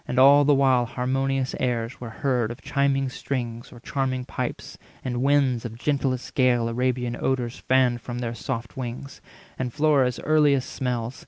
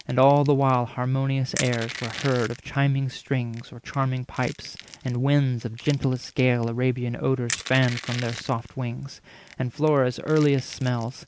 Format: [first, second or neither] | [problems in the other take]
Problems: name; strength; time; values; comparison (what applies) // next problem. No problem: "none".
first | background sound (Crushing); 16 dB below the speech